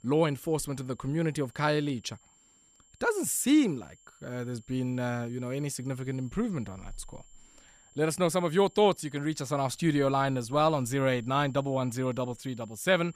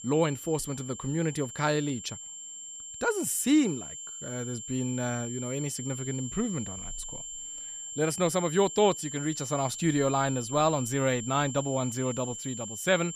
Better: first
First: high-pitched whine; faint; throughout; 7.5 kHz, 30 dB below the speech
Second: high-pitched whine; loud; throughout; 7.5 kHz, 8 dB below the speech

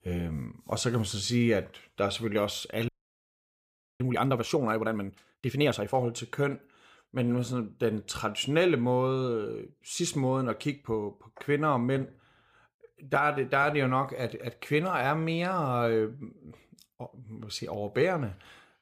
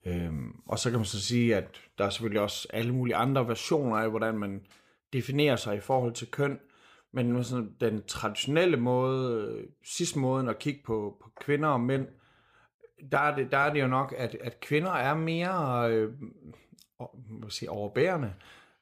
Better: second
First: audio freezing; at 3 s for 1 s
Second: none

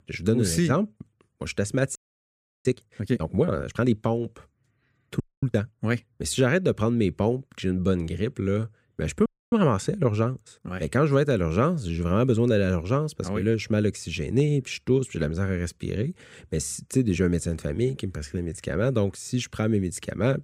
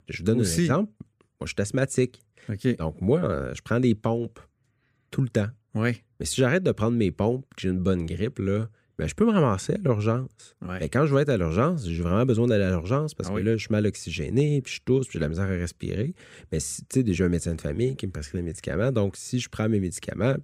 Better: second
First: audio freezing; at 2 s for 0.5 s, at 5 s and at 9.5 s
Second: none

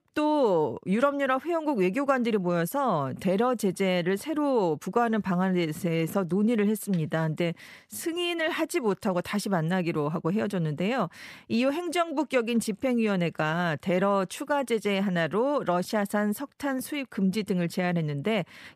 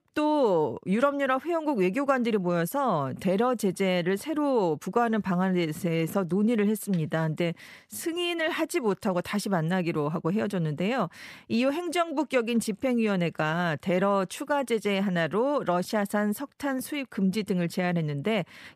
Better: neither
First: none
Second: none

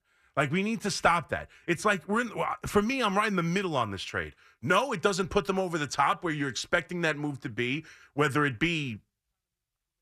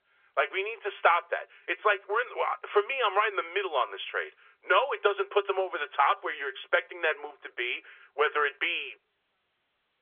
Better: first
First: none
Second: phone-call audio; nothing above 3.5 kHz

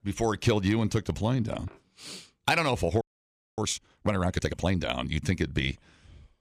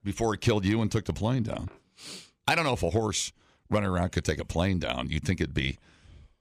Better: second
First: audio freezing; at 3 s for 0.5 s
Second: none

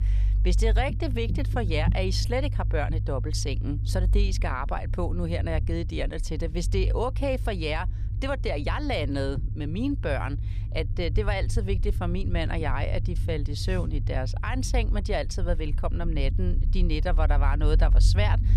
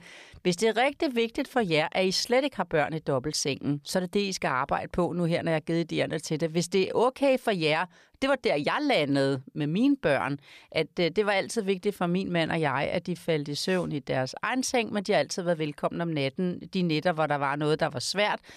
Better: second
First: low rumble; noticeable; throughout; 15 dB below the speech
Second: none

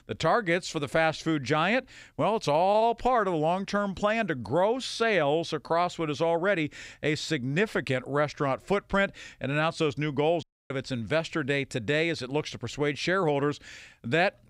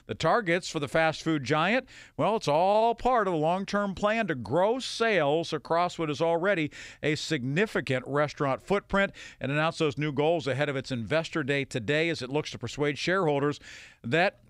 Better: second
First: audio cutting out; at 10 s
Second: none

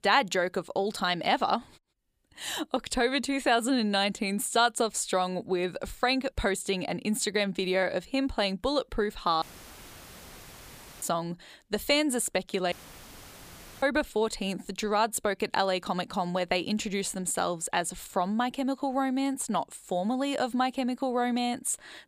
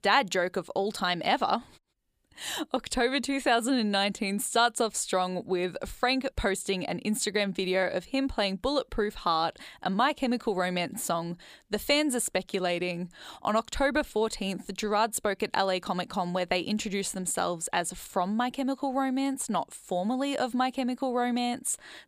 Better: second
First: audio cutting out; filled with static; at 9.5 s for 1.5 s and at 13 s for 1 s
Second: none

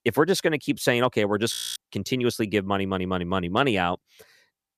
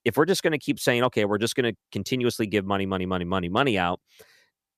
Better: second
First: audio freezing; at 1.5 s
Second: none

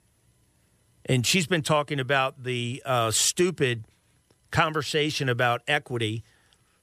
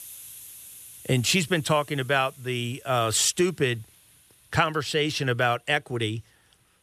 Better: first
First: none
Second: hiss; faint; throughout; 20 dB below the speech

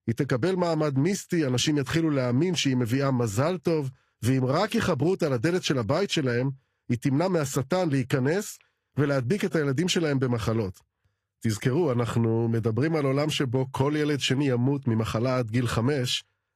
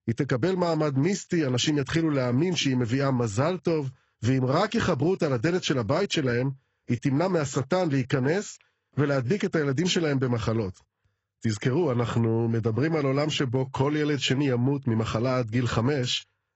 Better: first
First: garbled, watery; slightly; nothing above 15 kHz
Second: garbled, watery; badly; nothing above 7.5 kHz

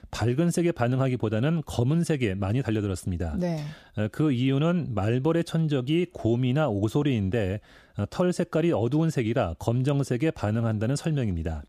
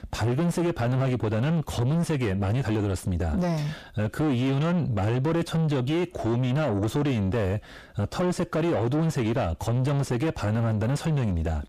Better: first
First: none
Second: distortion; heavy; 7 dB below the speech

